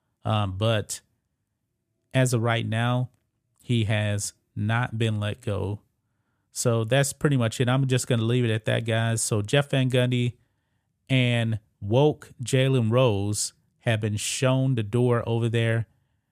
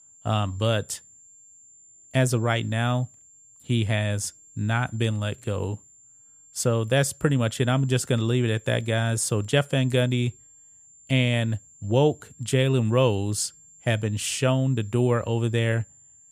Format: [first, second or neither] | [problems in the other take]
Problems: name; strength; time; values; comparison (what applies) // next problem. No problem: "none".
first | high-pitched whine; faint; throughout; 7.5 kHz, 25 dB below the speech